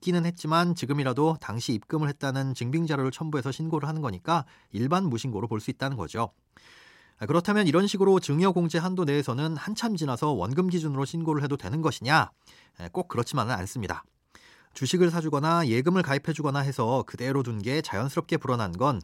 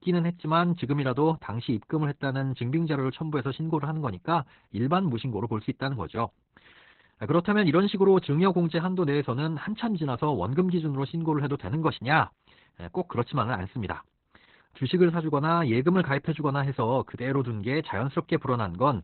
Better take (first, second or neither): first